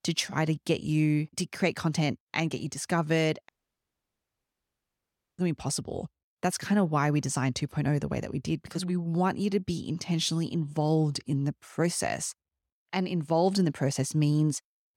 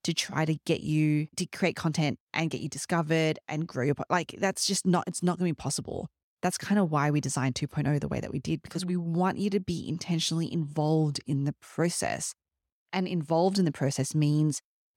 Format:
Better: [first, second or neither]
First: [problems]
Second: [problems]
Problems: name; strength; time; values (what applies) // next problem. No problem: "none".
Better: second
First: audio cutting out; at 3.5 s for 2 s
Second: none